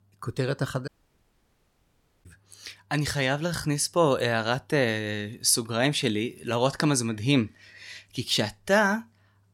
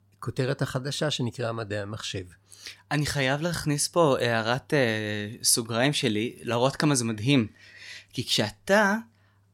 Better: second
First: audio cutting out; at 1 s for 1.5 s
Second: none

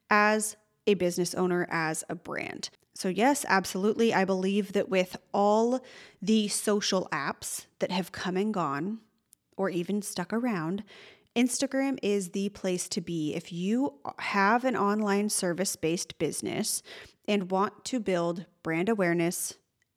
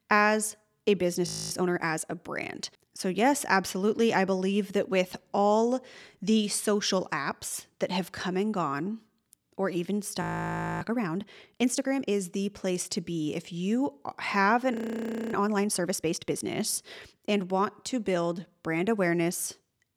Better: first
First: none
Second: audio freezing; at 1.5 s, at 10 s for 0.5 s and at 15 s for 0.5 s

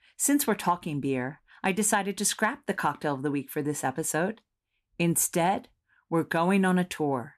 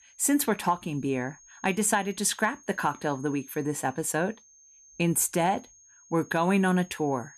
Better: first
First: none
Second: high-pitched whine; faint; throughout; 6.5 kHz, 25 dB below the speech

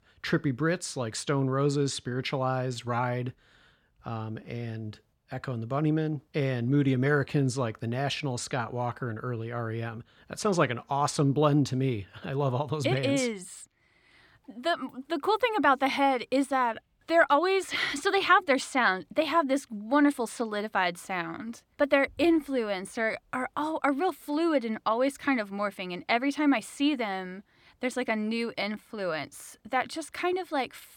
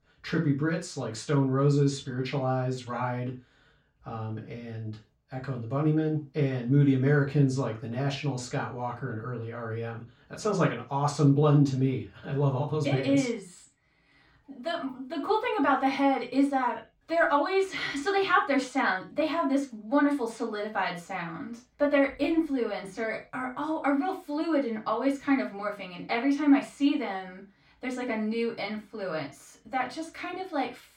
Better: first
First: none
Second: room echo; slight; dies away in 0.2 s // off-mic speech; far

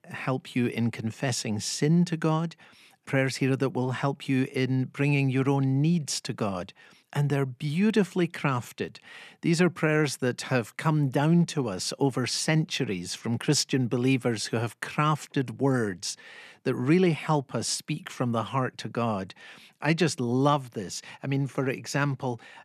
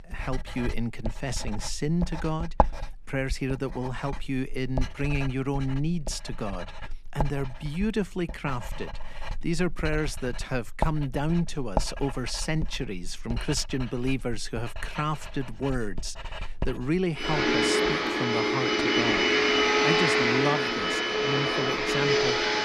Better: first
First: none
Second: household noises; very loud; throughout; 5 dB above the speech

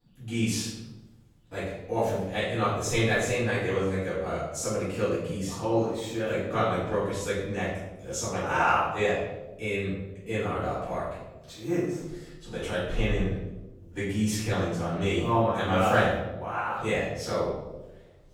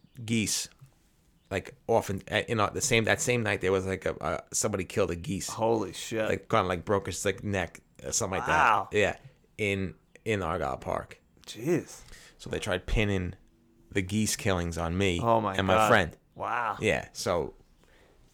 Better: second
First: off-mic speech; far // room echo; strong; dies away in 1 s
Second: none

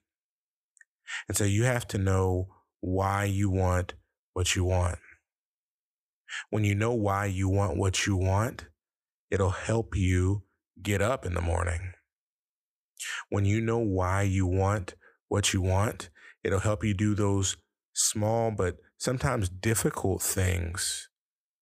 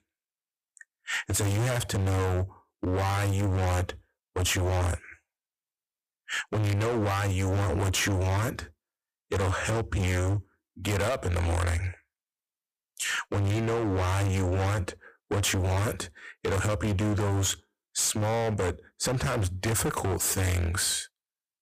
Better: first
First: none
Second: distortion; heavy; 28% of the sound clipped

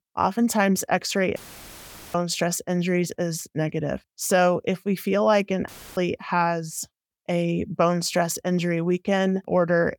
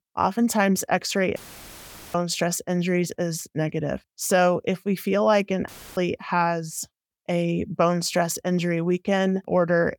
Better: neither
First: audio cutting out; filled with static; at 1.5 s for 1 s and at 5.5 s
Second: audio cutting out; filled with static; at 1.5 s for 1 s and at 5.5 s

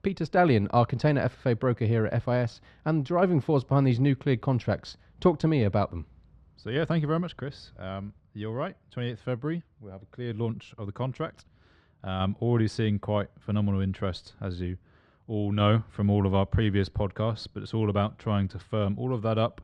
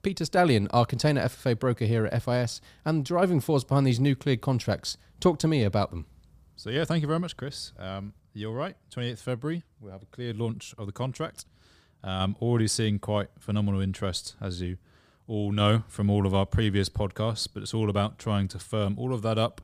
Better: second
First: muffled; slightly; fading above 2.5 kHz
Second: none

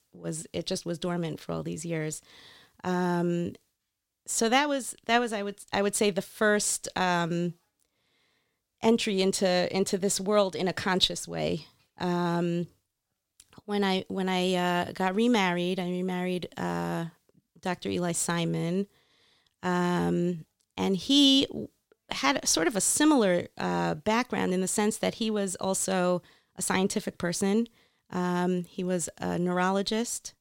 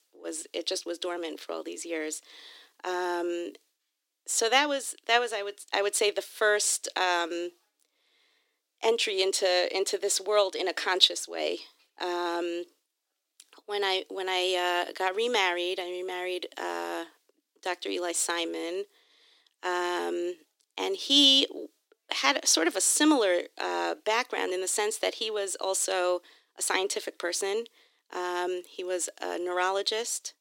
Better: first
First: none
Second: thin; somewhat; fading below 300 Hz

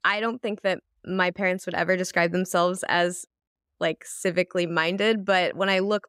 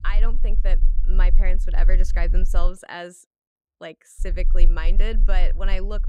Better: first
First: none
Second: low rumble; noticeable; until 2.5 s and from 4 s on; 15 dB below the speech

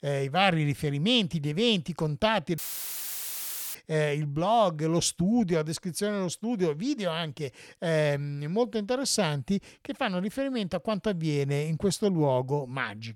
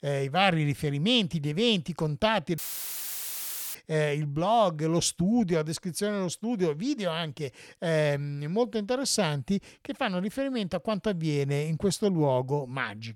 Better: neither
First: audio cutting out; filled with static; at 2.5 s for 1 s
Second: audio cutting out; filled with static; at 2.5 s for 1 s

